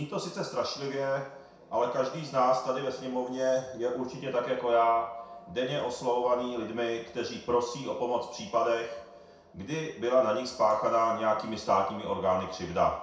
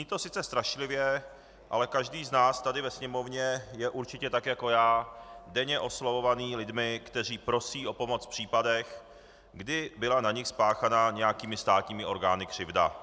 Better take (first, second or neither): second